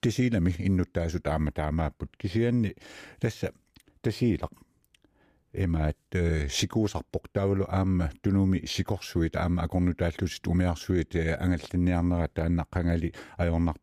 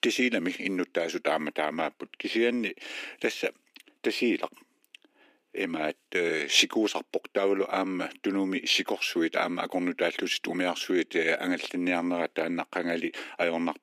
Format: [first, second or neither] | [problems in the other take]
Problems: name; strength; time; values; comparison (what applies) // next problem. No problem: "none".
first | thin; somewhat; fading below 250 Hz